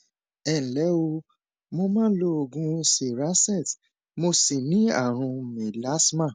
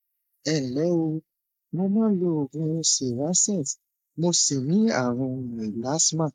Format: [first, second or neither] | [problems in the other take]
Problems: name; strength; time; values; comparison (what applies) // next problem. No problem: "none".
first | noise reduction (neural mask model Resemble Enhance denoiser)